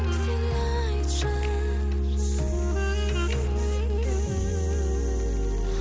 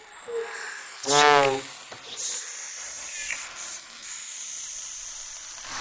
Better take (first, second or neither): first